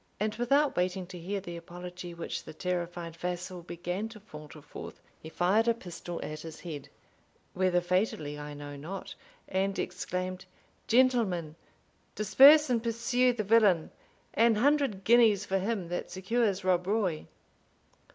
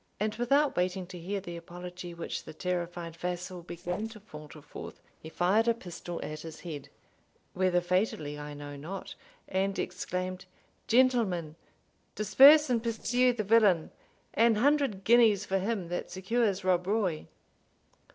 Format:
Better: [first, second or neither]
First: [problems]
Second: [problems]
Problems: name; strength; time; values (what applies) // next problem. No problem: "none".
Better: first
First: none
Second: noise reduction (neural separator model SepFormer DNS4)